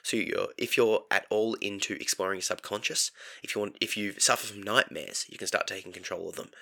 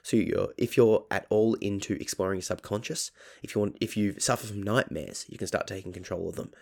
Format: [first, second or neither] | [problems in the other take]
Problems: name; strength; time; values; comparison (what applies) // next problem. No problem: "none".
second | thin; somewhat; fading below 900 Hz